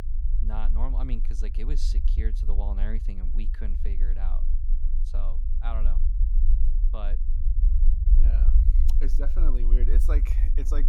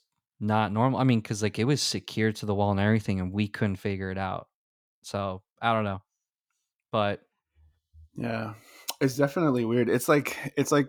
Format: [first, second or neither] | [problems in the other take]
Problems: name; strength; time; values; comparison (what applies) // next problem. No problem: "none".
second | low rumble; loud; throughout; 6 dB below the speech